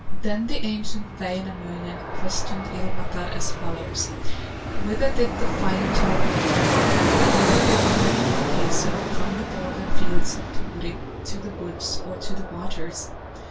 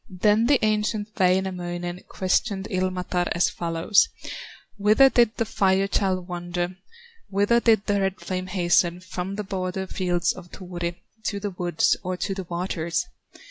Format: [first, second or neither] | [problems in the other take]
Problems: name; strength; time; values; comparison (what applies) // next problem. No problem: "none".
second | background sound (Fixed-wing aircraft, airplane); 3 dB below the speech // room echo; dies away in 0.2 s